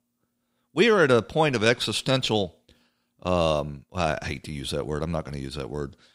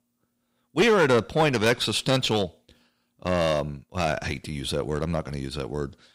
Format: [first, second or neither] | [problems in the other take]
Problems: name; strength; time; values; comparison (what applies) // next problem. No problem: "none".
first | distortion; slight; 3% of the sound clipped